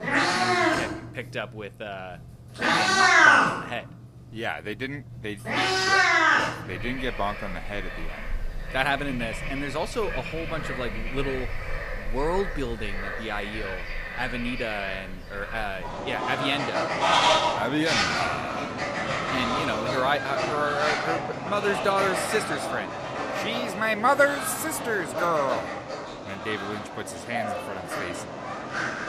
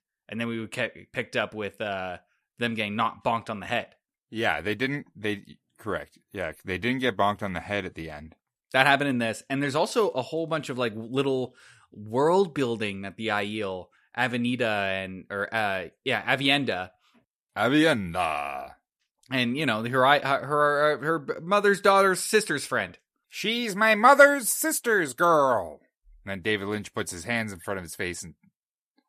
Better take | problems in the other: second | animal sounds; very loud; throughout; 4 dB above the speech

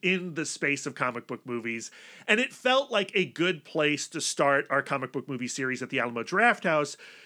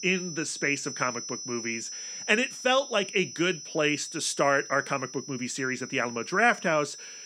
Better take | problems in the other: first | high-pitched whine; noticeable; throughout; 6 kHz, 10 dB below the speech

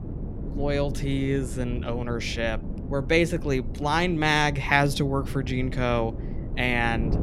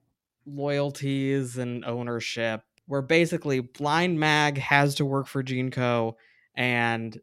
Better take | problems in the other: second | wind noise on the microphone; occasional gusts; 15 dB below the speech

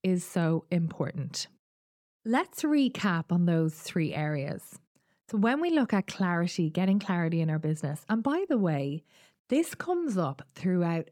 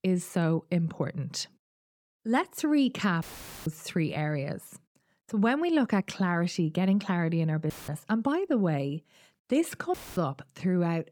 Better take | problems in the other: first | audio cutting out; filled with static; at 3 s, at 7.5 s and at 10 s

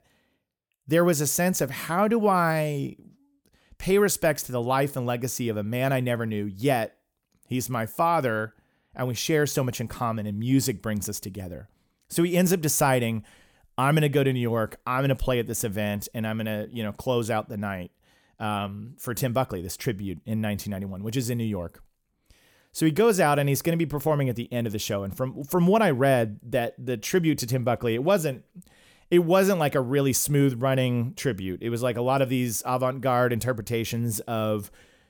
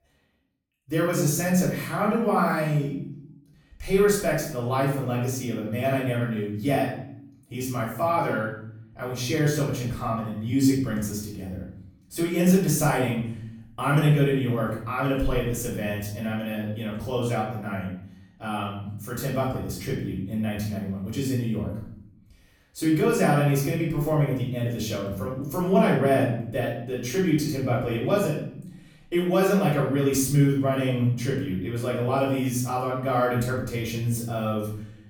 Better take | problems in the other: first | off-mic speech; far // room echo; noticeable; dies away in 0.7 s

